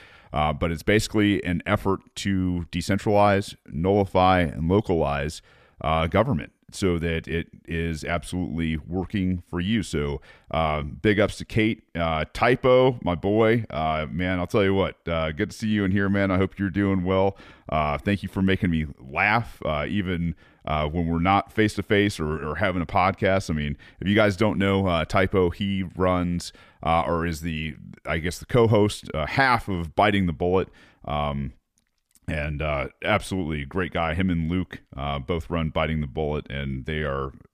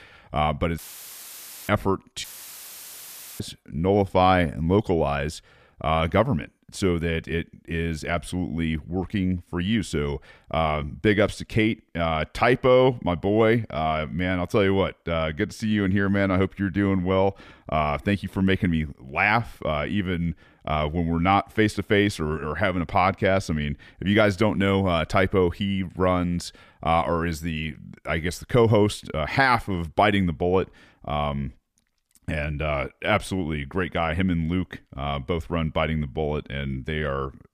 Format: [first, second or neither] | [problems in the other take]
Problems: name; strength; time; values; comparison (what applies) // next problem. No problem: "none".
first | audio cutting out; filled with static; at 1 s for 1 s and at 2 s for 1 s